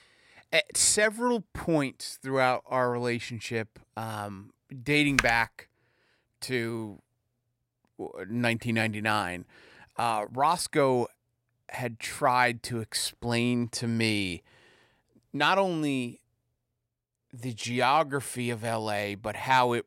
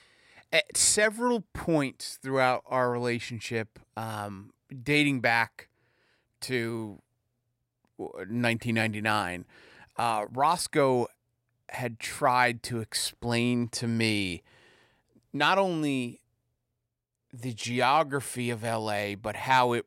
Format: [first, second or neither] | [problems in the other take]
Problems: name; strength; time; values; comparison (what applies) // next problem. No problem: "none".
second | keyboard typing; noticeable; at 5 s; peak 1 dB below the speech